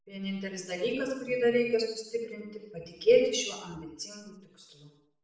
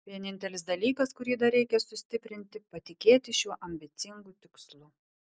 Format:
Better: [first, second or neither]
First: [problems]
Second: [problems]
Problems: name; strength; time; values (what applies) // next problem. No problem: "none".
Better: second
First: room echo; dies away in 0.7 s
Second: none